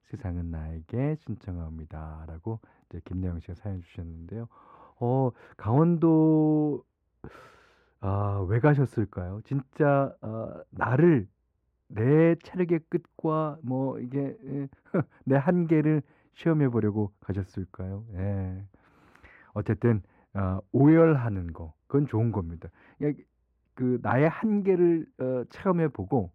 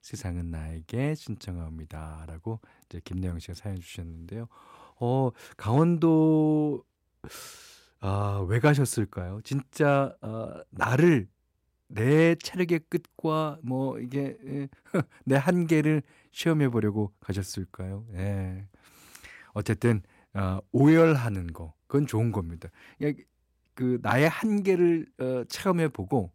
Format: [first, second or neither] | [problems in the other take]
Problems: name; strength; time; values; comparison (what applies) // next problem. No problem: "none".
second | muffled; very; fading above 3 kHz